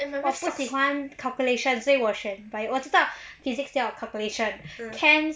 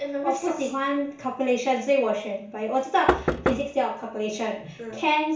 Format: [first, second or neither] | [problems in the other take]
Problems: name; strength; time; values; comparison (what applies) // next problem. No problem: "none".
first | background sound (Knock); 2 dB below the speech // room echo; dies away in 0.7 s